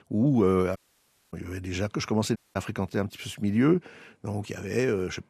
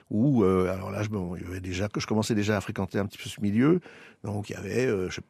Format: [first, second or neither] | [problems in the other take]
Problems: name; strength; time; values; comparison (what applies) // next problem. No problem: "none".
second | audio cutting out; at 1 s for 0.5 s and at 2.5 s